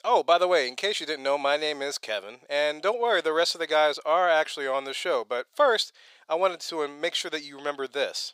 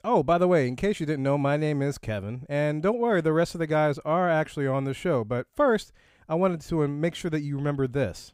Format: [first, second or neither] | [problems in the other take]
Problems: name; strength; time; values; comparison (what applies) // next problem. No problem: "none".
second | thin; very; fading below 500 Hz